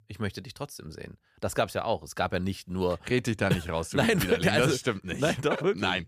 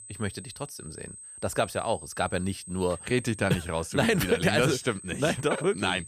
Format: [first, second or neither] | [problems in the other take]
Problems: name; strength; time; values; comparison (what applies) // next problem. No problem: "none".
first | high-pitched whine; noticeable; throughout; 8 kHz, 15 dB below the speech